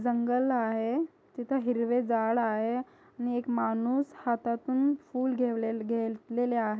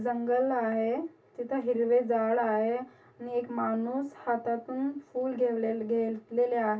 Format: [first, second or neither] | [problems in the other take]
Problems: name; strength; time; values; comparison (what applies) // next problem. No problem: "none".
first | room echo; dies away in 0.2 s